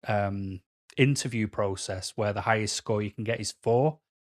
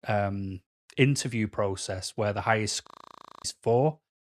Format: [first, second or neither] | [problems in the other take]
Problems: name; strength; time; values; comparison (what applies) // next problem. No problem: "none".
first | audio freezing; at 3 s for 0.5 s